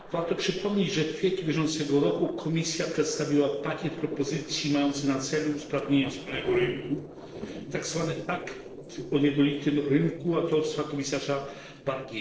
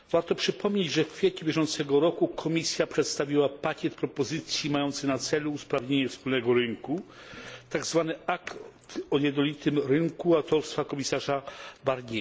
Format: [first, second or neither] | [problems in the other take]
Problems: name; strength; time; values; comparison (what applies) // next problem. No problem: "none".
second | noise reduction (neural separator model SepFormer DNS4)